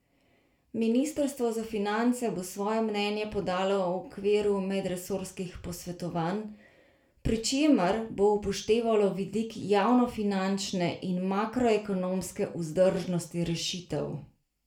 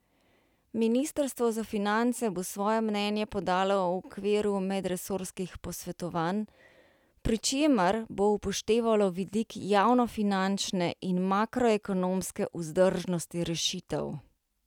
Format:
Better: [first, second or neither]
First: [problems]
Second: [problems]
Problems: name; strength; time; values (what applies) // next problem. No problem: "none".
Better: second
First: room echo; dies away in 0.3 s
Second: none